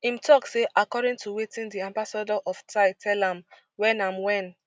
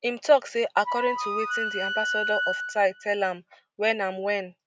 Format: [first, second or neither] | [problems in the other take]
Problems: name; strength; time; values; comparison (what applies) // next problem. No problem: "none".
first | background sound (Wind instrument, woodwind instrument); 3 dB below the speech